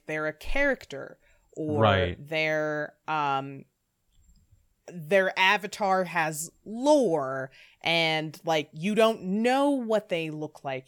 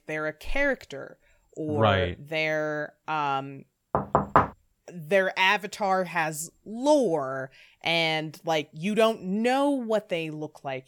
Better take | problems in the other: first | door banging; loud; at 4 s; peak 4 dB above the speech

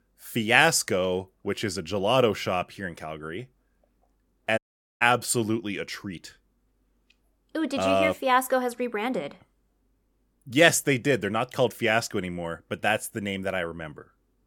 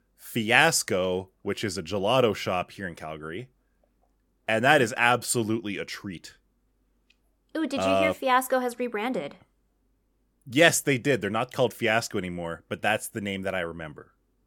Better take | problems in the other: second | audio cutting out; at 4.5 s

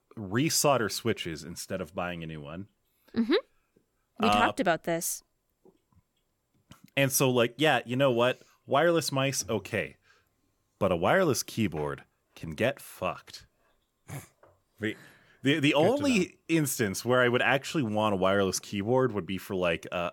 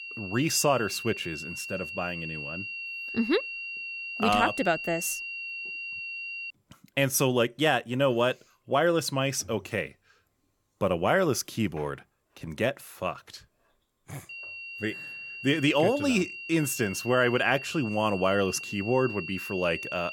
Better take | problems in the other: first | high-pitched whine; loud; until 6.5 s and from 14 s on; 2.5 kHz, 8 dB below the speech

